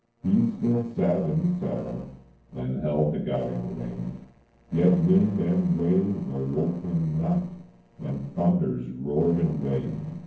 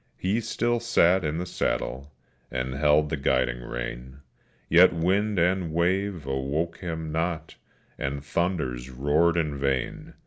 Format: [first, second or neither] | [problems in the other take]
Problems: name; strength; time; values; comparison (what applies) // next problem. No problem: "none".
second | noise reduction (neural separator model SepFormer DNS4)